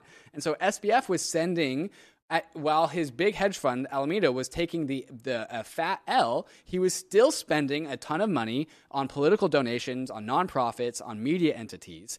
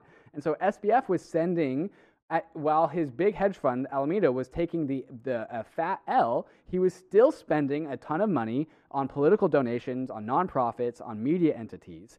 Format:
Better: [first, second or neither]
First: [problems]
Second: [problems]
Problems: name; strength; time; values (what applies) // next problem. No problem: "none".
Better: first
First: none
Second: muffled; very; fading above 2.5 kHz